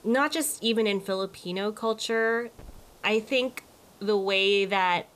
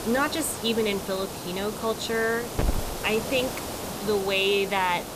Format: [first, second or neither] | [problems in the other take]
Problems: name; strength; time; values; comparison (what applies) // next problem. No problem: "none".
first | hiss; loud; throughout; 7 dB below the speech; faint in the first